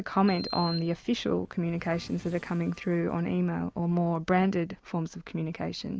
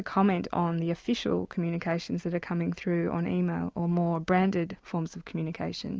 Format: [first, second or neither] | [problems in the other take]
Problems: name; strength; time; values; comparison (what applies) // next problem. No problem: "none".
second | background sound (Sliding door); 17 dB below the speech